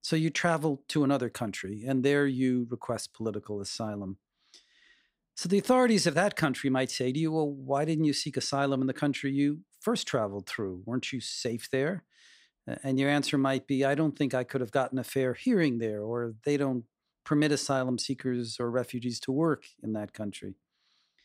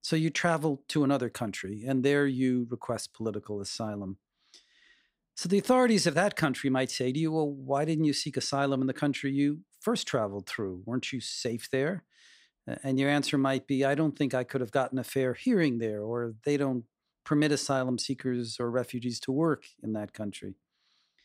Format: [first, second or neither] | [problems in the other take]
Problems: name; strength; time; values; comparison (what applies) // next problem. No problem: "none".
neither | none